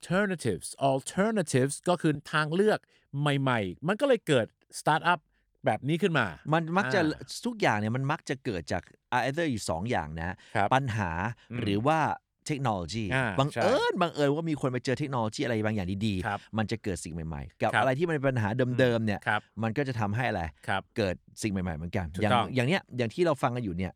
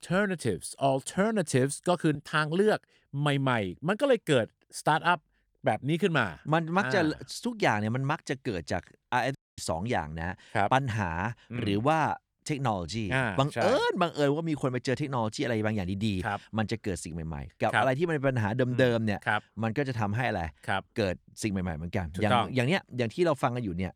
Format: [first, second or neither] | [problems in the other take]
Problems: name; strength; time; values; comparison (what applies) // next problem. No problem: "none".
first | audio cutting out; at 9.5 s